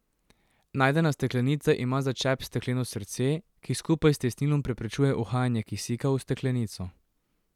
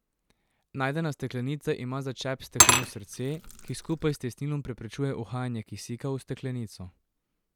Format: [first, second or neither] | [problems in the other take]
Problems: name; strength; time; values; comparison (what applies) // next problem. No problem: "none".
first | background sound (Glass / Liquid); 5 dB above the speech